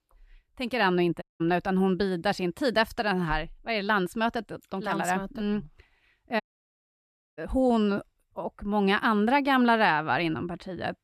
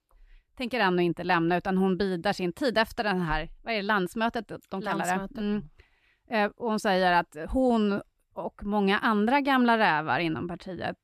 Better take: second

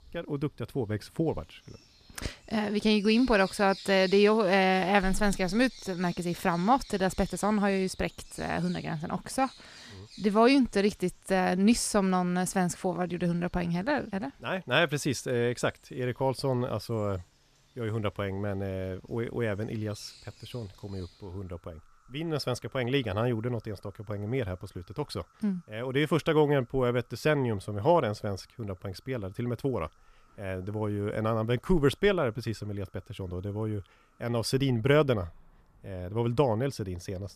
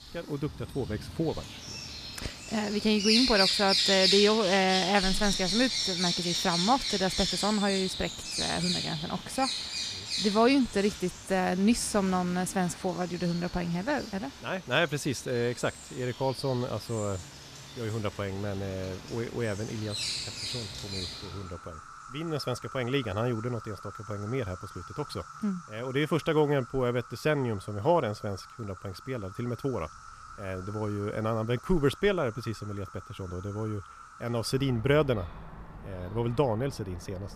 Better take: first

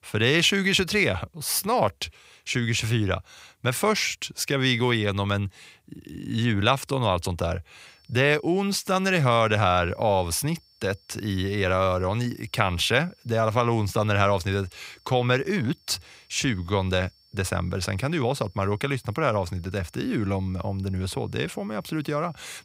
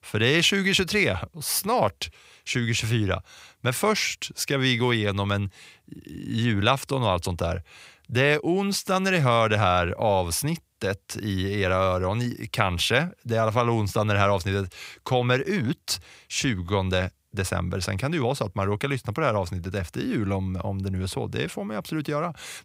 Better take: second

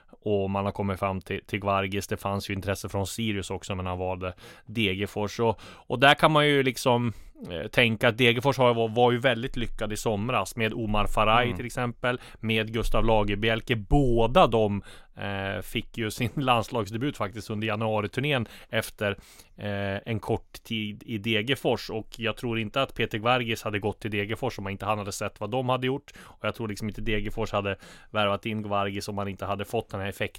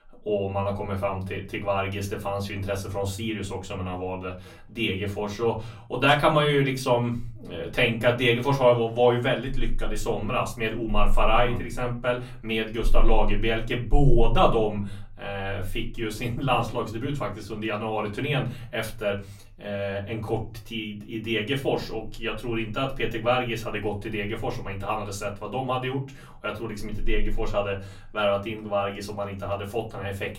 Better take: first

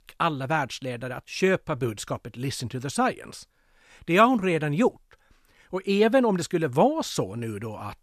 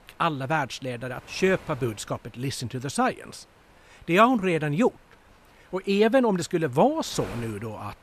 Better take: first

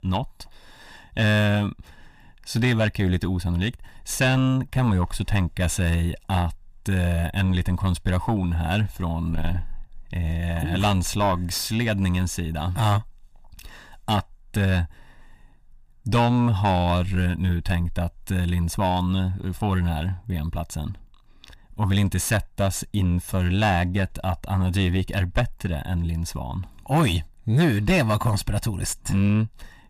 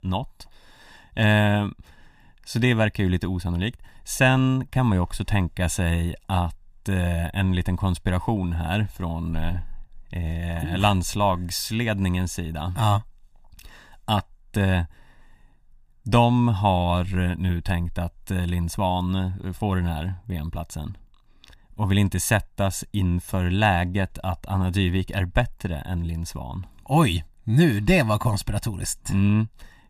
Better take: second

